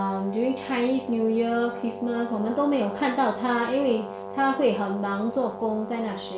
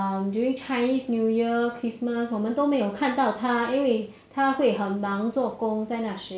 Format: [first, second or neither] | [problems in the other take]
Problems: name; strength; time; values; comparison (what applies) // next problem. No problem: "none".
second | background sound (Brass instrument); 11 dB below the speech